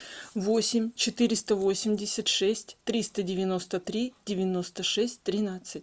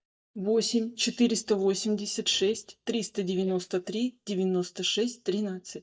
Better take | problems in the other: first | noise reduction (neural mask model DeepFilterNet 3)

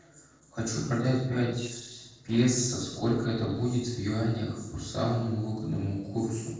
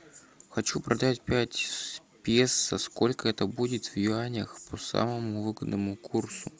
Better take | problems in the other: second | noise reduction (neural separator model SepFormer DNS4)

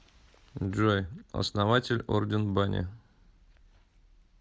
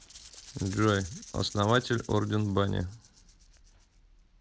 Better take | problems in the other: first | background sound (Rattle (instrument)); 20 dB below the speech

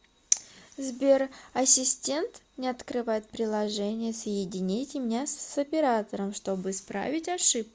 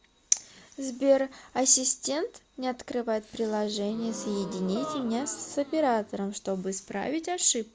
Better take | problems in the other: first | background sound (Gasp); 13 dB below the speech

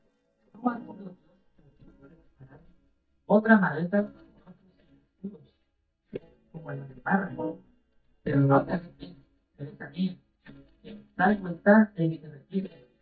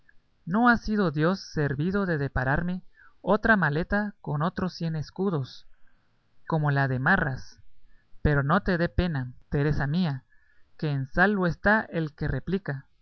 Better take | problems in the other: second | noise reduction (neural mask model DeepFilterNet 3)

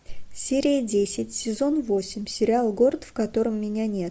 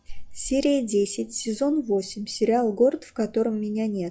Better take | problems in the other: first | noise reduction (classical method log-MMSE)

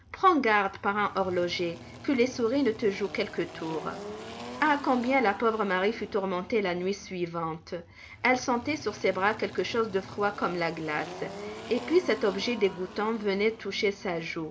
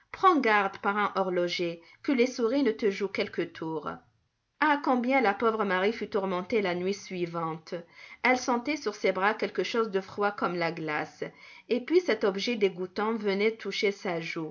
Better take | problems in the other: second | background sound (Engine); 15 dB below the speech

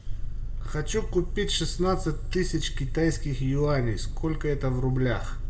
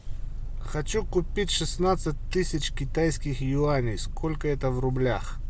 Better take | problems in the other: second | room echo; dies away in 1.2 s

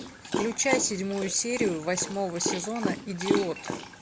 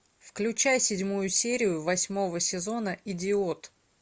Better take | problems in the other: second | background sound (Dog); 4 dB below the speech

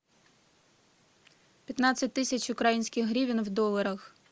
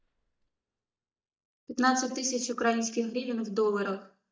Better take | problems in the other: first | noise reduction (neural mask model DeepFilterNet 3)

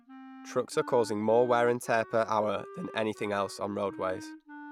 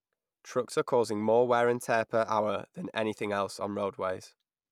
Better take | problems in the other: second | background sound (Wind instrument, woodwind instrument); 16 dB below the speech

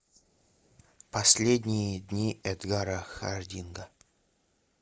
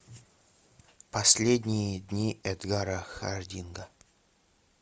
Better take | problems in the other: second | noise reduction (neural mask model Resemble Enhance denoiser)

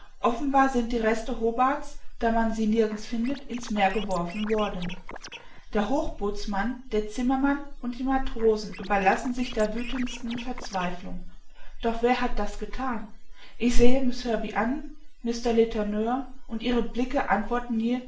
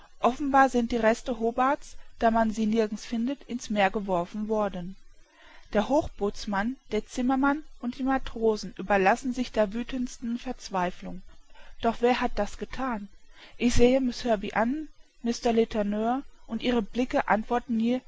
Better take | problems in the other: second | background sound (Scratching (performance technique)); 18 dB below the speech // room echo; dies away in 0.4 s

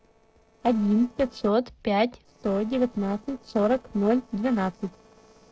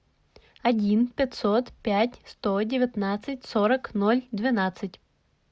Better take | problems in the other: second | noise reduction (neural separator model SepFormer DNS4)

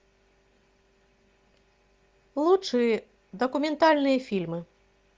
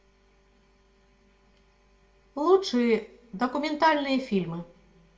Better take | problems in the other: first | room echo; dies away in 0.4 s

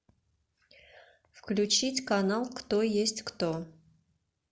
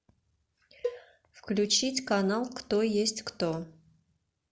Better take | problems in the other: first | background sound (Cowbell); 9 dB below the speech

